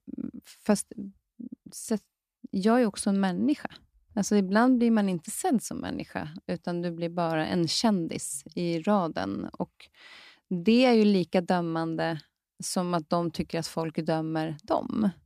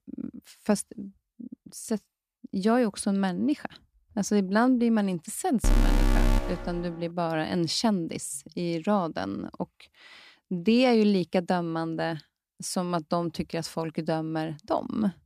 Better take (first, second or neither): first